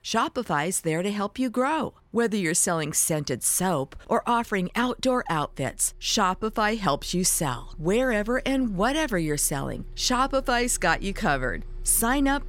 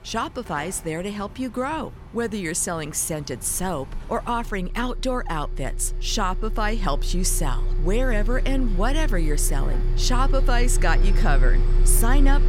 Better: first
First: traffic noise; faint; throughout; 20 dB below the speech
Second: traffic noise; loud; throughout; as loud as the speech

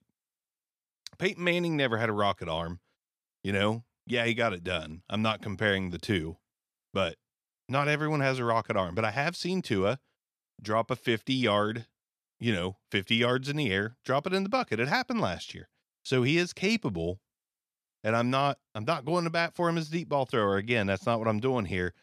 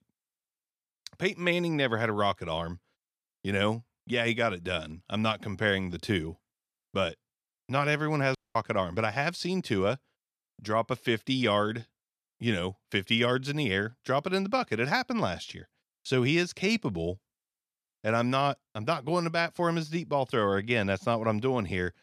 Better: first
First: none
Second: audio cutting out; at 8.5 s

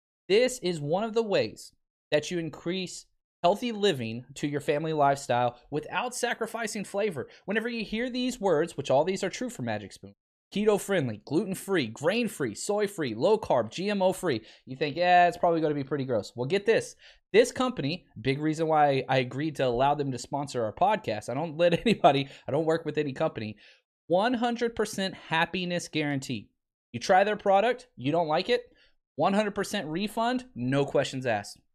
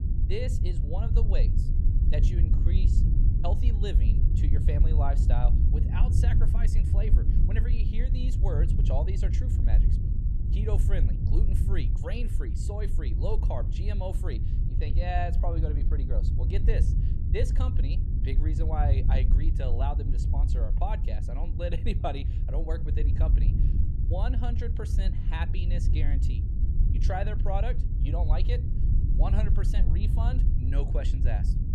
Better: first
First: none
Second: low rumble; loud; throughout; 5 dB below the speech

